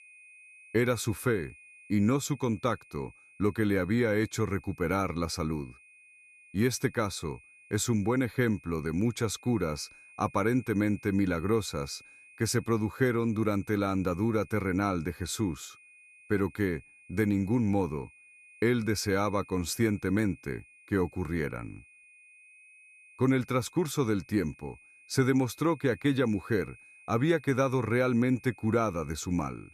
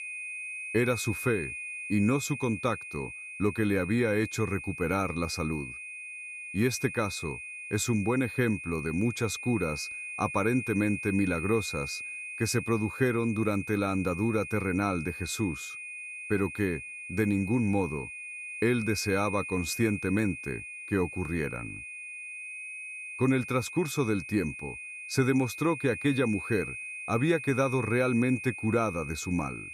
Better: first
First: high-pitched whine; faint; throughout; 2.5 kHz, 25 dB below the speech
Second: high-pitched whine; loud; throughout; 2.5 kHz, 8 dB below the speech

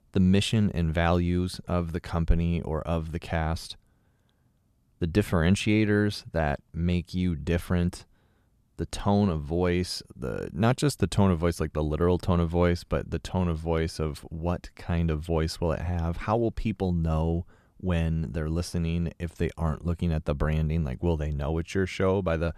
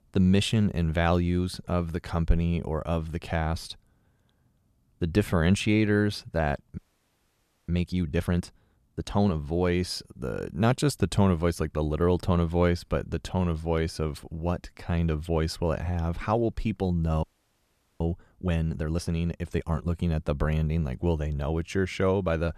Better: first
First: none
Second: audio freezing; at 7 s for 1 s and at 17 s for 1 s

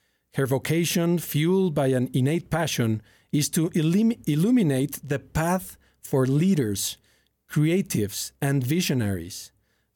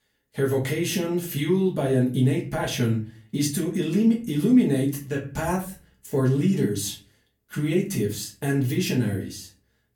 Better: first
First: none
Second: room echo; very slight; dies away in 0.3 s // off-mic speech; far

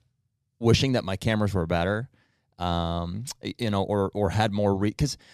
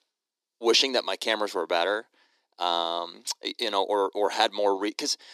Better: first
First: none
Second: thin; very; fading below 300 Hz

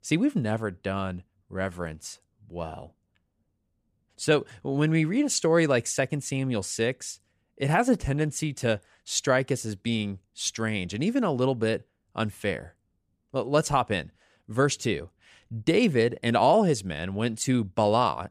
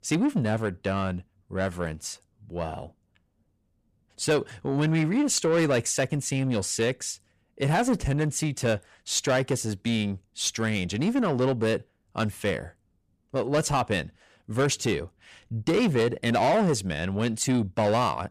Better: first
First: none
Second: distortion; slight; 10 dB below the speech

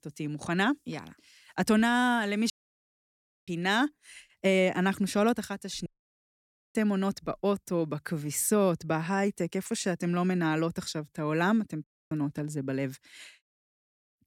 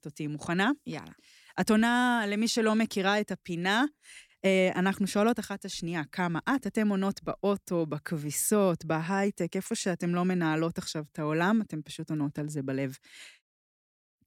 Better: second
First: audio cutting out; at 2.5 s for 1 s, at 6 s for 1 s and at 12 s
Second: none

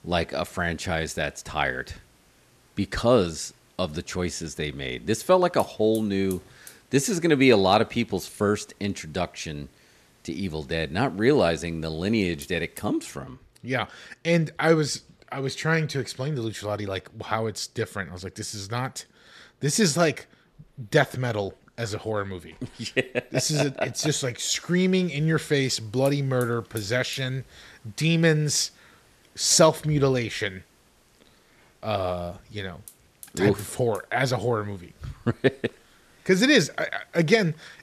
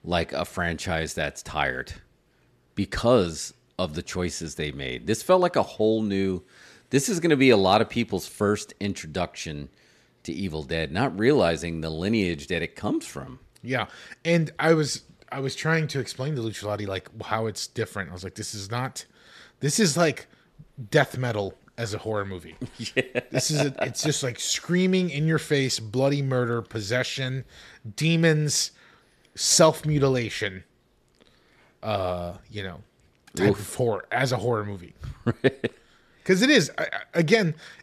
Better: second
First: hiss; faint; until 13 s and from 25 s on; 25 dB below the speech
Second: none

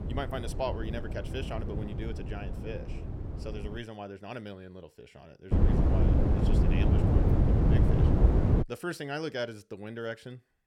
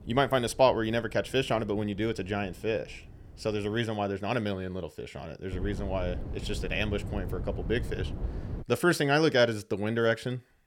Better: second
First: wind noise on the microphone; heavy; until 4 s and from 5.5 to 8.5 s; 2 dB above the speech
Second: wind noise on the microphone; occasional gusts; until 4 s and from 5.5 to 8.5 s; 20 dB below the speech

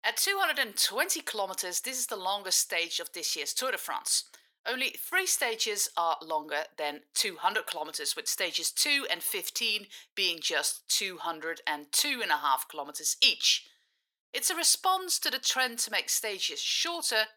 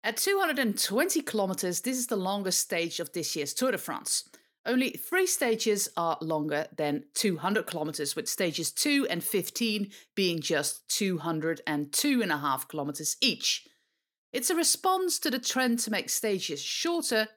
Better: second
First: thin; very; fading below 700 Hz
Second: none

